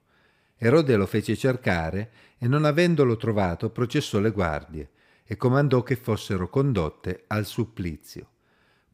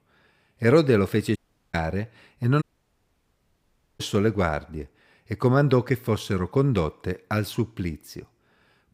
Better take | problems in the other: first | audio cutting out; at 1.5 s and at 2.5 s for 1.5 s

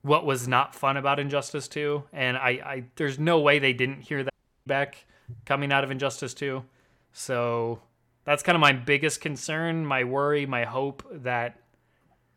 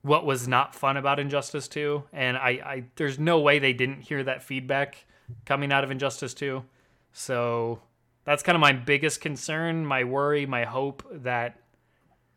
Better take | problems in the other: second | audio cutting out; at 4.5 s

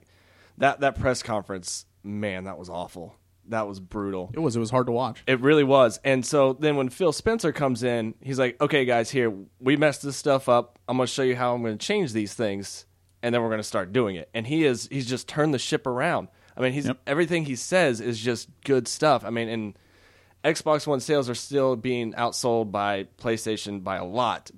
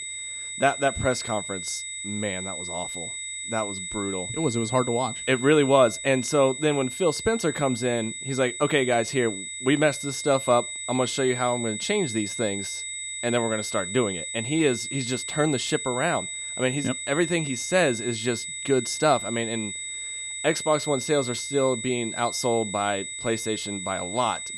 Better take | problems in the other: first | high-pitched whine; loud; throughout; 8 kHz, 6 dB below the speech

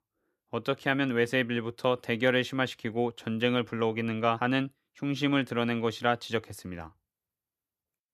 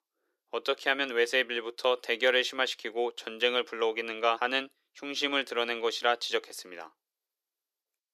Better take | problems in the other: first | thin; somewhat; fading below 400 Hz

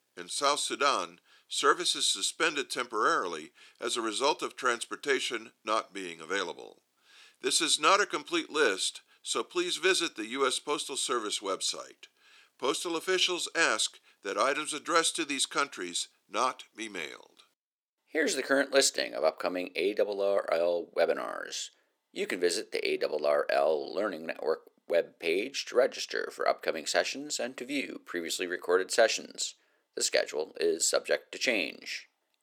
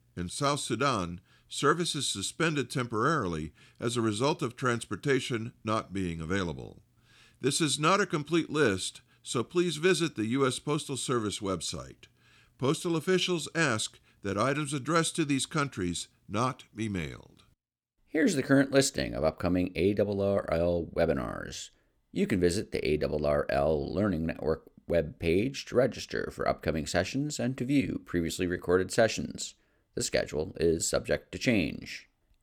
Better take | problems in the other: second | thin; somewhat; fading below 400 Hz

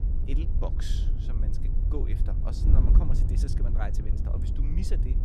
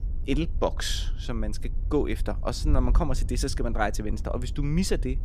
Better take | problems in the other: second | wind noise on the microphone; heavy; 1 dB below the speech; occasional gusts in the second

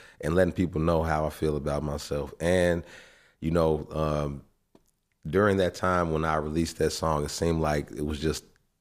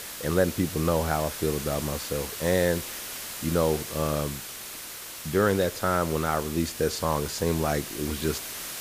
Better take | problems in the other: first | hiss; loud; throughout; 8 dB below the speech

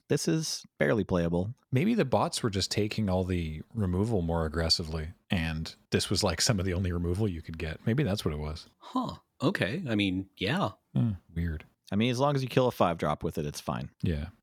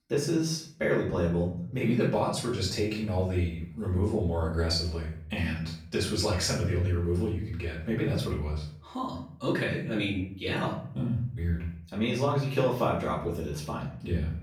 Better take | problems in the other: first | room echo; noticeable; dies away in 0.5 s // off-mic speech; far

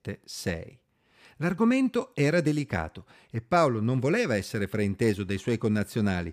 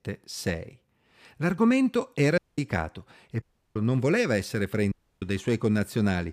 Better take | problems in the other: first | audio cutting out; at 2.5 s, at 3.5 s and at 5 s

